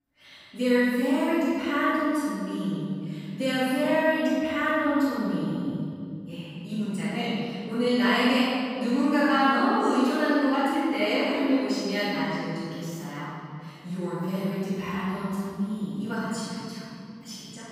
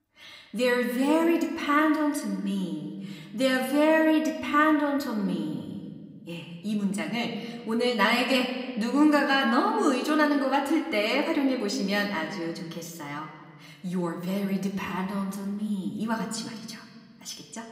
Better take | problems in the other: second | room echo; strong; dies away in 2.7 s; slight in the second // off-mic speech; far; far in the second

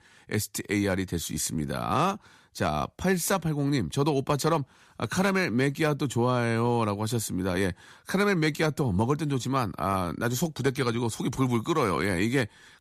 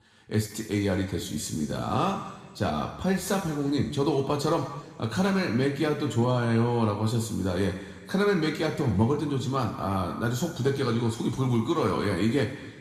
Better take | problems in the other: first | room echo; noticeable; dies away in 1.6 s // off-mic speech; somewhat distant

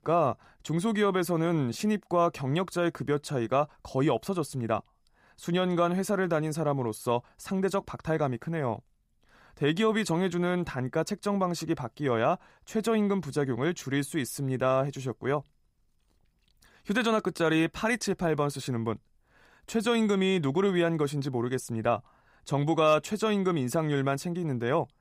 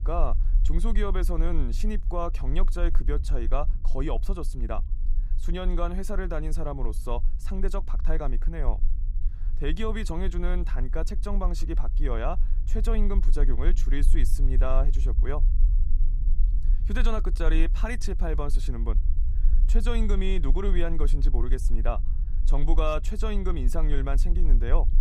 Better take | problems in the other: first | low rumble; noticeable; throughout; 15 dB below the speech

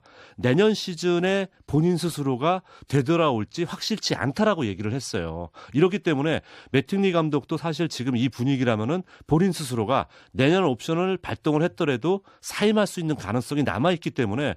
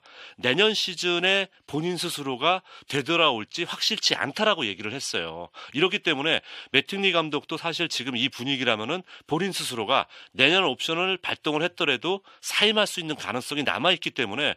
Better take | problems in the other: first | thin; somewhat; fading below 650 Hz

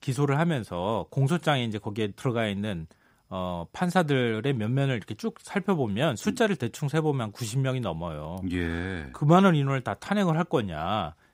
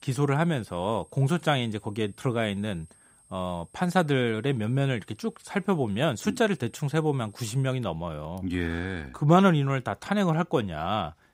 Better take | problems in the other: first | high-pitched whine; faint; until 7.5 s; 8.5 kHz, 30 dB below the speech

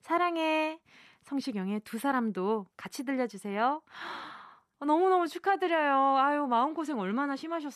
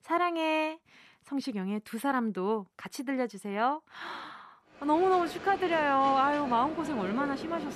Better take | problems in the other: first | train or aircraft noise; noticeable; from 5 s on; 10 dB below the speech

